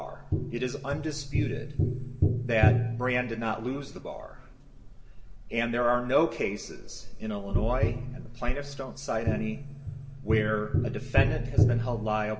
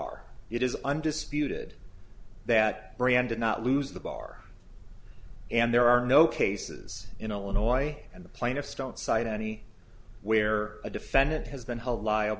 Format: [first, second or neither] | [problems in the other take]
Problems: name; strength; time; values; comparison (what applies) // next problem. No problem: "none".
second | background sound (Tap); as loud as the speech // room echo; dies away in 1.7 s